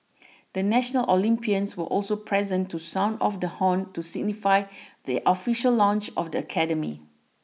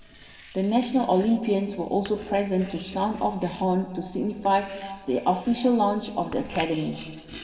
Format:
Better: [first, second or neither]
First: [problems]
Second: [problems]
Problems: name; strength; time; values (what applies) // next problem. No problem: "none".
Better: first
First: none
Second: background sound (Writing); 20 dB below the speech // room echo; dies away in 1.6 s